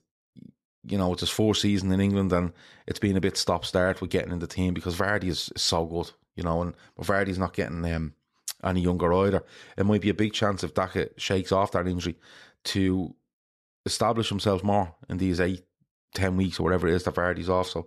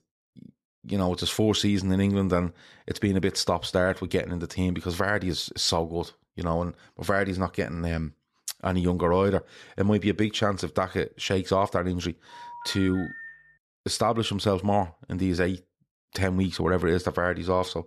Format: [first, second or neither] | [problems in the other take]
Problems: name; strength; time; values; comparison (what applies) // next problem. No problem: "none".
first | phone ringing; faint; from 12 to 14 s; peak 15 dB below the speech